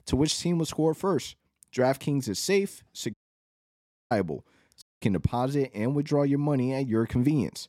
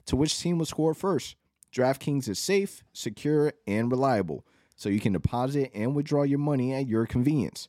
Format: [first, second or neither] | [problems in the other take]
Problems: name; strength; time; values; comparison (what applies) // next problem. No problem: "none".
second | audio cutting out; at 3 s for 1 s and at 5 s